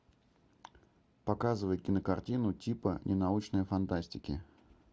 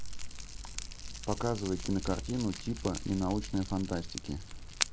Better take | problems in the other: first | background sound (Fire); 4 dB below the speech

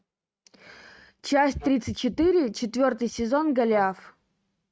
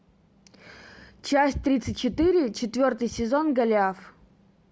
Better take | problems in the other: second | noise reduction (neural mask model RNNoise)

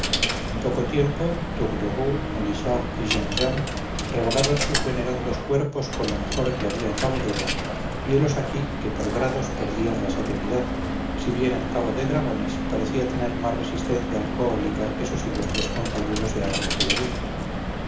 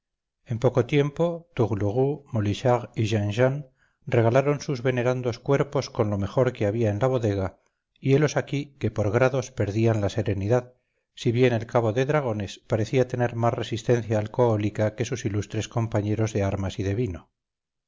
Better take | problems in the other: second | background sound (Coin (dropping)); as loud as the speech // room echo; dies away in 0.4 s

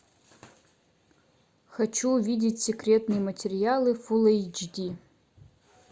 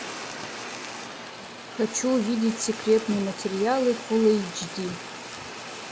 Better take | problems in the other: first | background sound (Fire); 10 dB below the speech

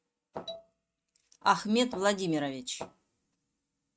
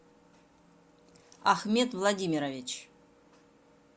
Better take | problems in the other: second | noise reduction (neural mask model RNNoise)

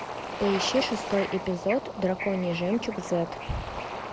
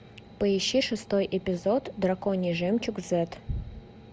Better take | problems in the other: second | background sound (Bird / Ocean); 7 dB below the speech

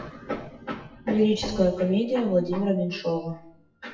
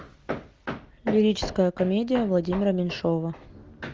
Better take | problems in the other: second | noise reduction (classical method WPE with log-MMSE)

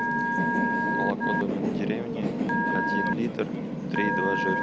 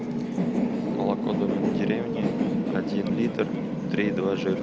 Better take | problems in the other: second | background sound (Telephone); 2 dB below the speech

